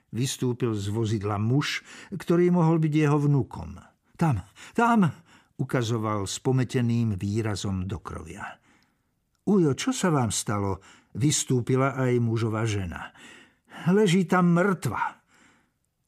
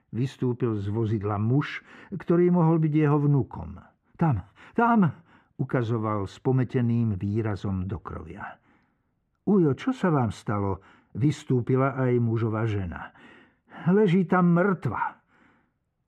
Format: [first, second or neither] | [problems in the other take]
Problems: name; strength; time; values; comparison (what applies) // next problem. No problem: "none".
first | muffled; very; fading above 3.5 kHz